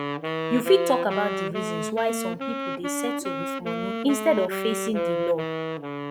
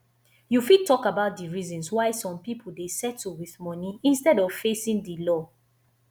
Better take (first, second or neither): second